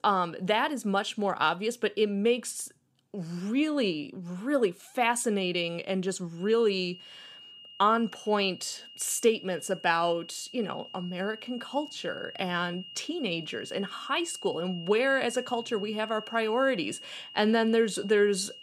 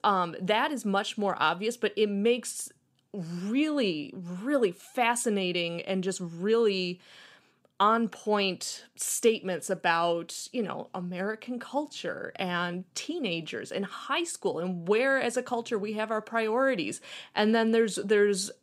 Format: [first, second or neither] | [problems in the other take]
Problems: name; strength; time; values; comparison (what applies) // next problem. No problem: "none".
second | high-pitched whine; noticeable; from 6.5 s on; 3 kHz, 15 dB below the speech